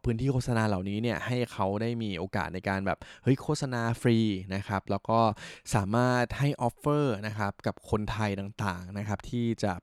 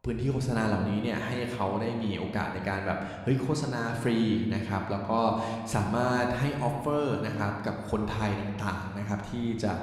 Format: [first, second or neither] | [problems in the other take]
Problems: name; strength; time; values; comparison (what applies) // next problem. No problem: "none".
first | room echo; slight; dies away in 1.3 s